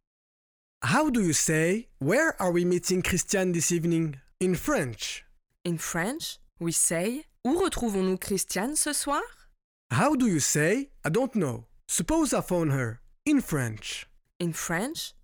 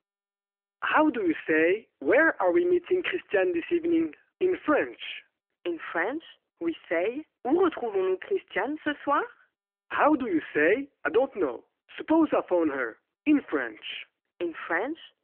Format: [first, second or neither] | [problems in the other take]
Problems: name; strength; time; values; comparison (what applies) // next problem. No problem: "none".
first | phone-call audio